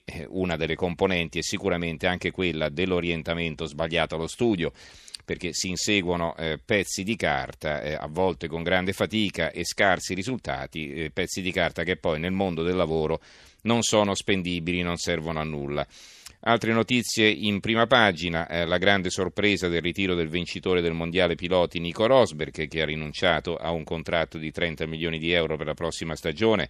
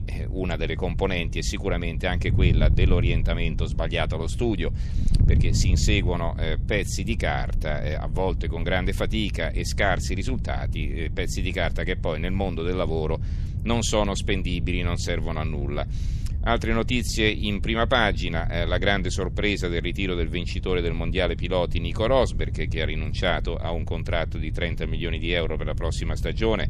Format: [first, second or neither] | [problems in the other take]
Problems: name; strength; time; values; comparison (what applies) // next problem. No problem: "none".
first | wind noise on the microphone; occasional gusts; 15 dB below the speech